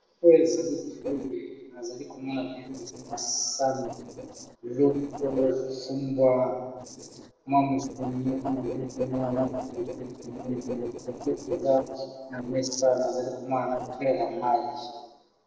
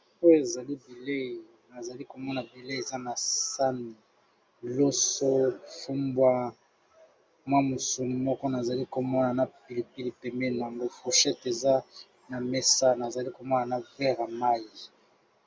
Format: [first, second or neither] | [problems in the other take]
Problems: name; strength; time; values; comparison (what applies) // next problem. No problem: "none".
second | noise reduction (neural separator model SepFormer DNS4)